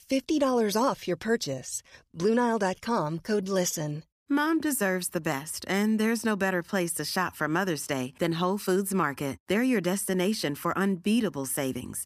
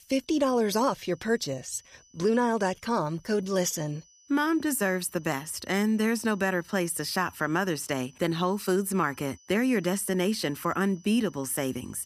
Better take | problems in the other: first | high-pitched whine; faint; throughout; 6 kHz, 30 dB below the speech

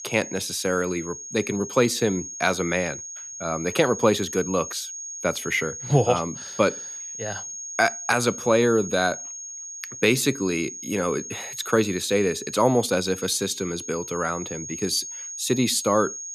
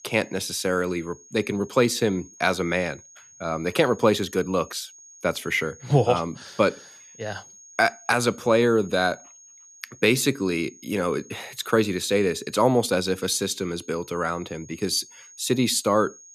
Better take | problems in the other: second | high-pitched whine; loud; throughout; 6.5 kHz, 9 dB below the speech; faint in the second

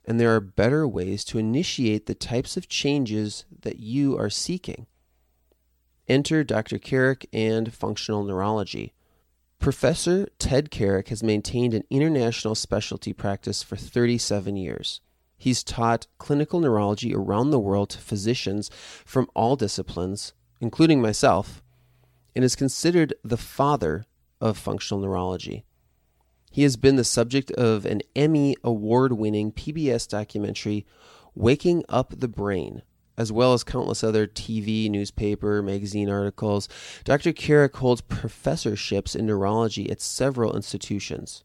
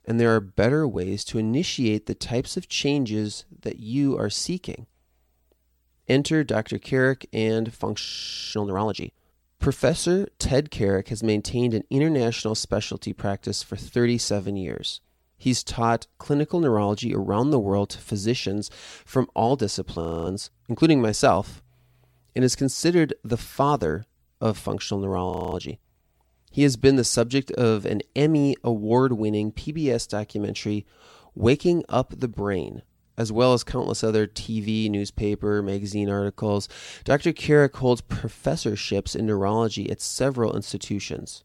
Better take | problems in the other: first | audio freezing; at 8 s, at 20 s and at 25 s

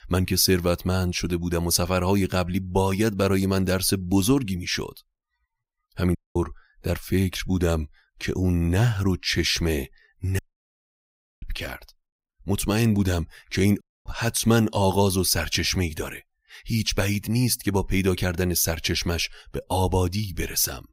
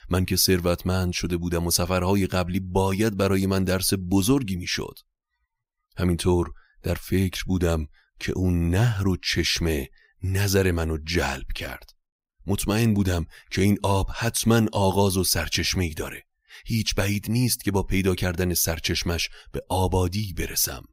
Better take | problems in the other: second | audio cutting out; at 6 s, at 10 s for 1 s and at 14 s

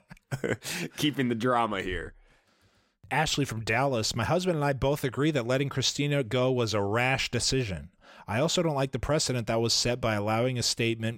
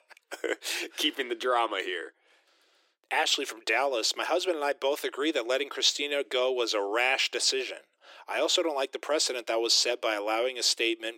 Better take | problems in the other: first | thin; very; fading below 300 Hz

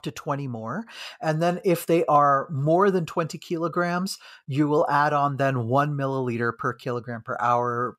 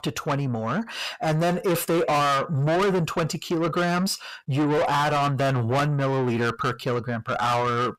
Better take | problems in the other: first | distortion; heavy; 6 dB below the speech

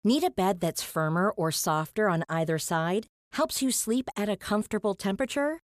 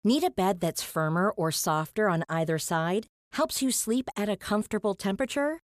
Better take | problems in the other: neither | none

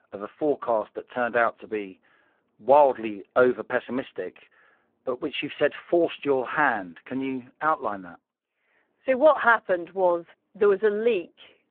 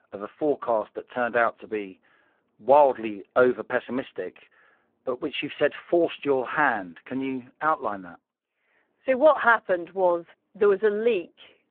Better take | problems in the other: neither | phone-call audio; poor line; the same in both

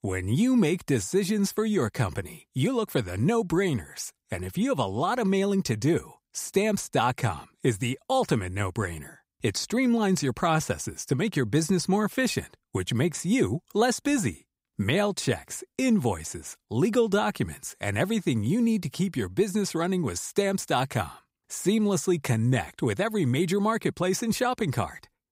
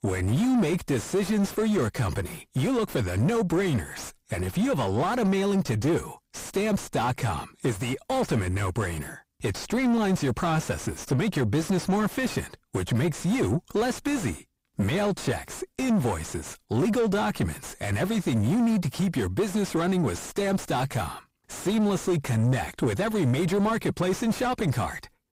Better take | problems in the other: first | distortion; heavy; 6 dB below the speech

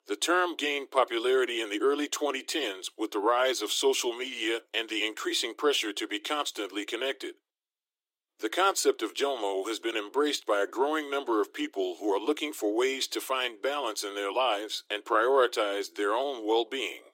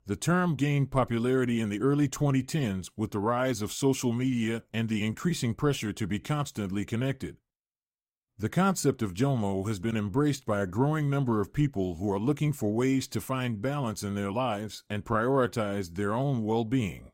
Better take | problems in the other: second | thin; very; fading below 300 Hz

